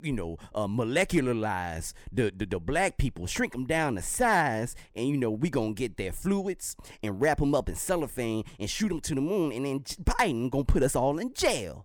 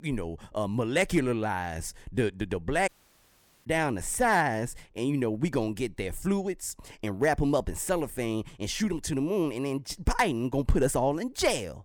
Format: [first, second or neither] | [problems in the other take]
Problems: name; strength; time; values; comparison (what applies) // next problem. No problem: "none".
first | audio cutting out; at 3 s for 1 s